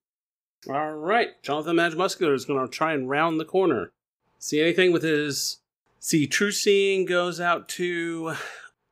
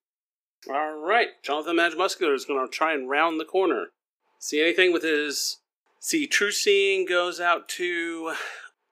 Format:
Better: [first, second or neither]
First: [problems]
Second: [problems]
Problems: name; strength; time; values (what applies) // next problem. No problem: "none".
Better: first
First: none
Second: thin; somewhat; fading below 300 Hz